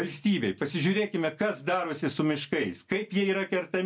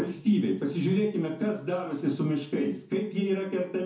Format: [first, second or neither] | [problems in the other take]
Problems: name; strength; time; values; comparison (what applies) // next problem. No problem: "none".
first | room echo; dies away in 0.7 s